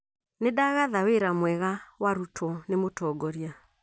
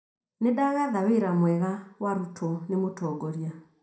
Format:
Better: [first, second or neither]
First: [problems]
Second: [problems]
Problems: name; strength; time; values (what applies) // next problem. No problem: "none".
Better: first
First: none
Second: room echo; dies away in 0.4 s